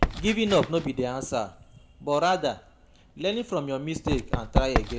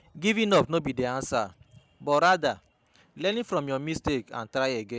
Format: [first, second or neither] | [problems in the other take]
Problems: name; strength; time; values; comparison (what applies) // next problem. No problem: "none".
second | background sound (Run); 4 dB below the speech // room echo; dies away in 0.4 s